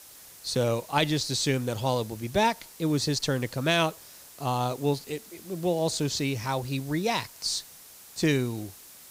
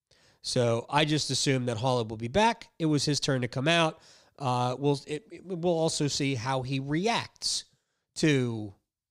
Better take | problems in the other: second | hiss; noticeable; throughout; 20 dB below the speech

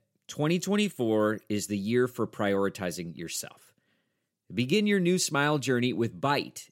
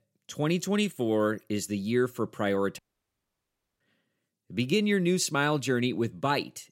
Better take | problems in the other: first | audio cutting out; at 3 s for 1 s

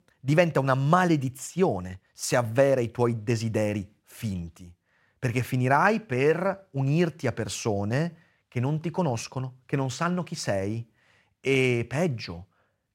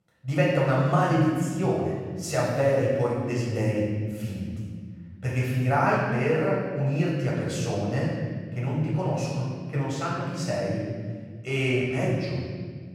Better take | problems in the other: first | off-mic speech; far // room echo; strong; dies away in 1.9 s

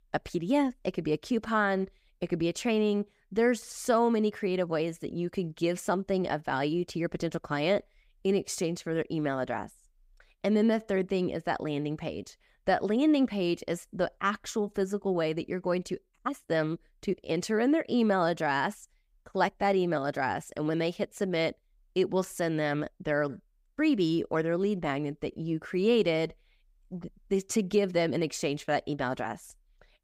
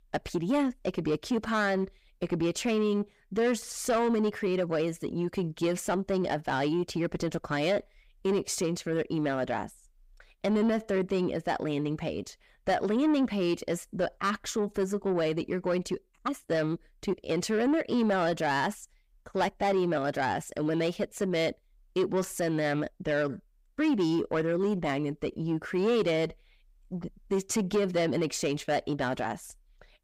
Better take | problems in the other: first | distortion; slight; 10 dB below the speech

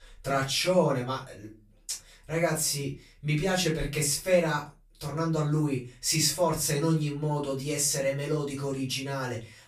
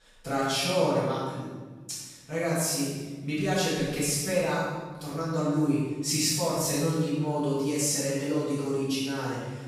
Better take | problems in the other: first | room echo; strong; dies away in 1.3 s; slight in the first // off-mic speech; far; far in the first

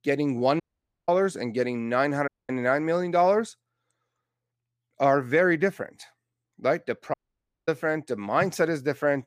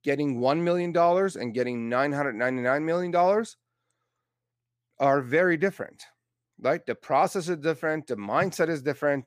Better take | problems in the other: second | audio cutting out; at 0.5 s, at 2.5 s and at 7 s for 0.5 s

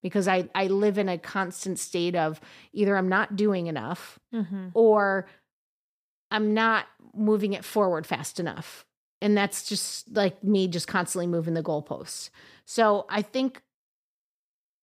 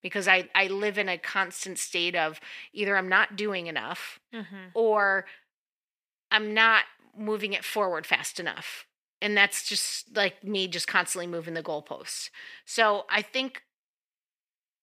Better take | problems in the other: first | thin; somewhat; fading below 750 Hz

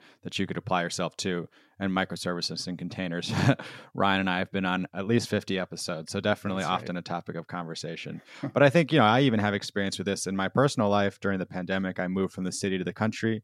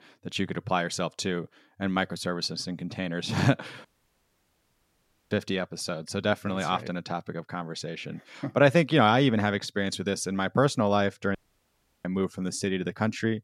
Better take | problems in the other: first | audio cutting out; at 4 s for 1.5 s and at 11 s for 0.5 s

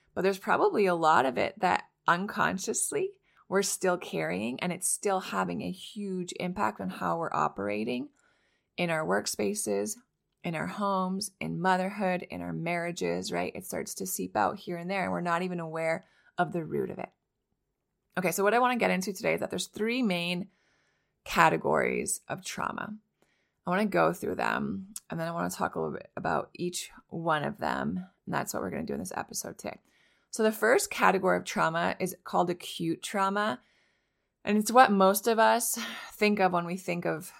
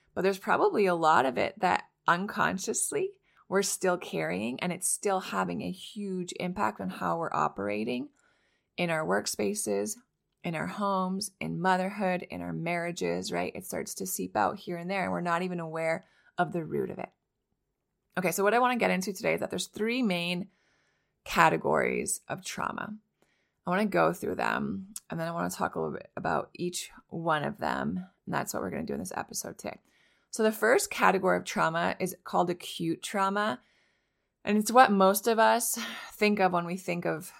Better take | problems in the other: neither | none

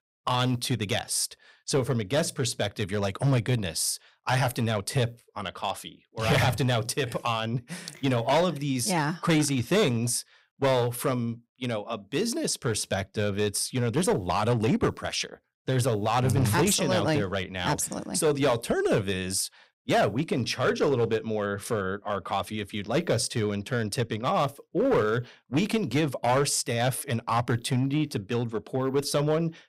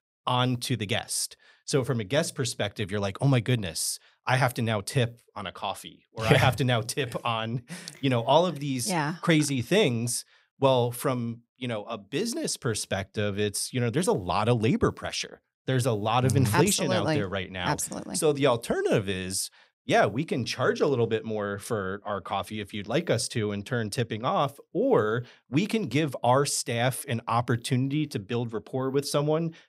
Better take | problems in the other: second | distortion; slight; 5% of the sound clipped

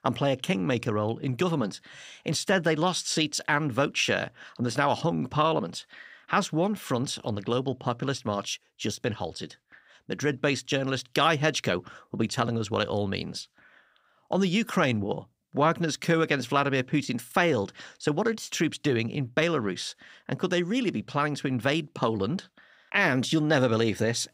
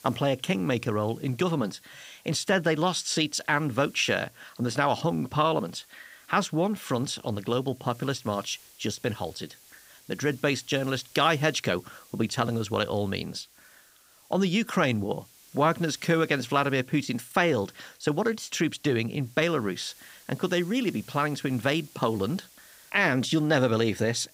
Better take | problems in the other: first | hiss; faint; throughout; 25 dB below the speech

